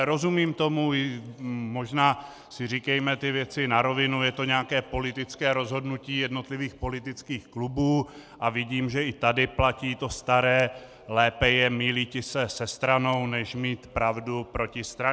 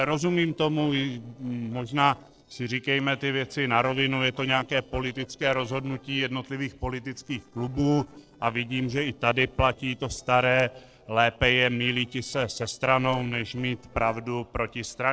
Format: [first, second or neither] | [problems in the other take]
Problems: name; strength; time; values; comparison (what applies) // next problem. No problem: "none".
first | noise reduction (neural separator model SepFormer DNS4)